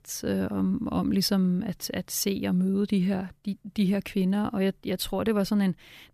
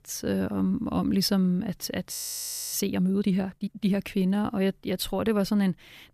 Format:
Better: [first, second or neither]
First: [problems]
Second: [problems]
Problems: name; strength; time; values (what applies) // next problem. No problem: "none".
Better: first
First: none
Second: audio freezing; at 2 s for 0.5 s